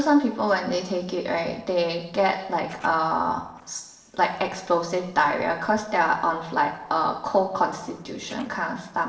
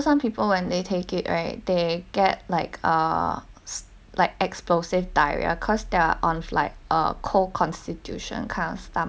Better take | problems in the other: second | noise reduction (neural separator model SepFormer DNS4)

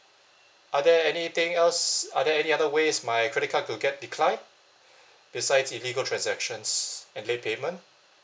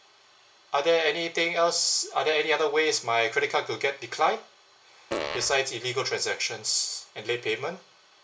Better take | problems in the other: first | background sound (Fart); 5 dB below the speech // room echo; dies away in 0.2 s

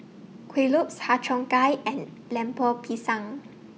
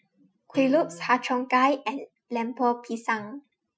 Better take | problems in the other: first | noise reduction (classical method Wiener filter)

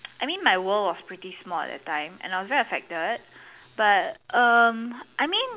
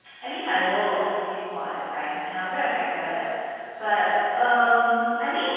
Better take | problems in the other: first | room echo; dies away in 2.2 s

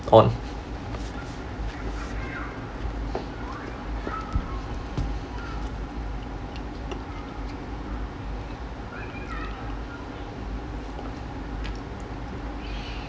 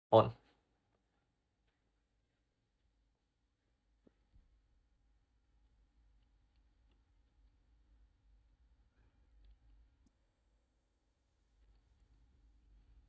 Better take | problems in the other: first | noise reduction (neural mask model DeepFilterNet 3)

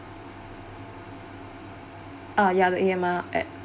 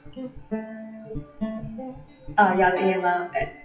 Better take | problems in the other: first | noise reduction (classical method WPE with log-MMSE)

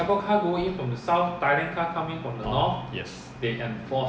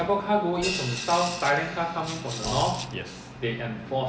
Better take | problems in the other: first | background sound (Crash cymbal + Rattle / Rattle (instrument)); 10 dB below the speech

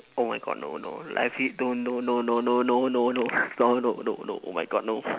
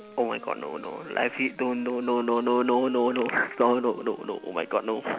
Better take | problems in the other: first | background sound (Wind instrument, woodwind instrument); 19 dB below the speech

